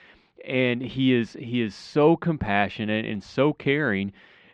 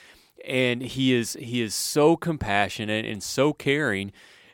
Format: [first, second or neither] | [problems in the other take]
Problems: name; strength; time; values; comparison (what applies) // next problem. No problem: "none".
second | muffled; slightly; fading above 3 kHz